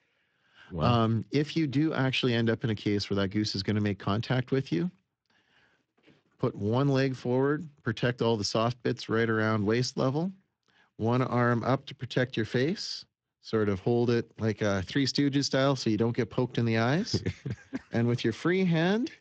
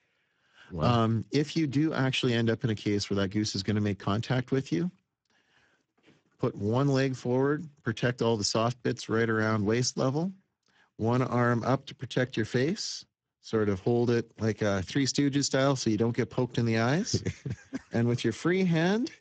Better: first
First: garbled, watery; slightly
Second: garbled, watery; badly; nothing above 7.5 kHz

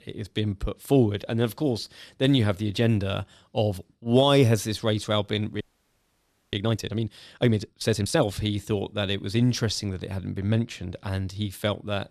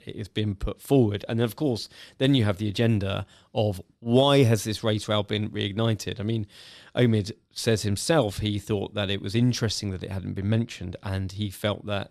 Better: second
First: audio freezing; at 5.5 s for 1 s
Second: none

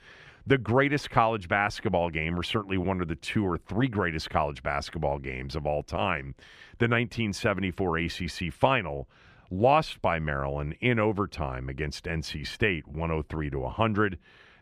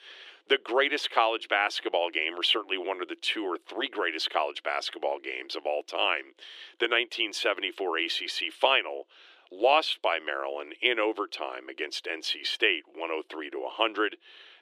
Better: first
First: none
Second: thin; very; fading below 350 Hz

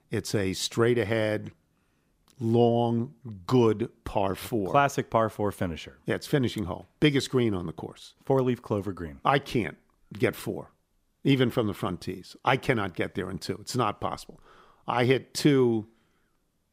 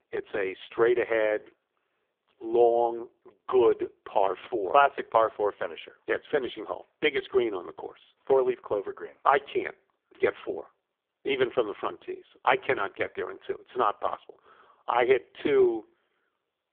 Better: first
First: none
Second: phone-call audio; poor line; nothing above 3 kHz

